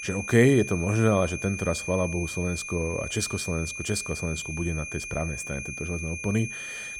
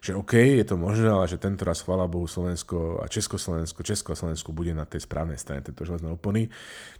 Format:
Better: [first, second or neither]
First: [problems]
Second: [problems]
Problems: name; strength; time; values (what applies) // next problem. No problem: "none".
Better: second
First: high-pitched whine; loud; throughout; 2.5 kHz, 7 dB below the speech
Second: none